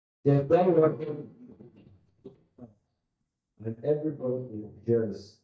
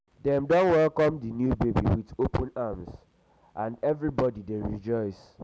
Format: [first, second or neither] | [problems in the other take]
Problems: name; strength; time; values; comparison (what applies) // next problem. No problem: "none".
second | noise reduction (neural mask model DeepFilterNet 3)